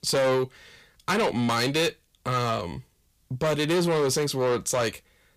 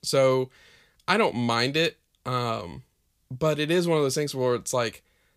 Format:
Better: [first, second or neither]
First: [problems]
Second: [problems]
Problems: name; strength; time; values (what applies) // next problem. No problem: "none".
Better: second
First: distortion; heavy; 8 dB below the speech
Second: none